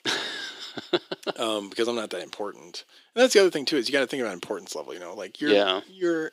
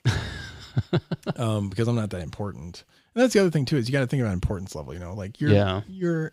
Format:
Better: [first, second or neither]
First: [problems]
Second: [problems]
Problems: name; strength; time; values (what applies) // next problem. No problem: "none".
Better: second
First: thin; somewhat; fading below 300 Hz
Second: none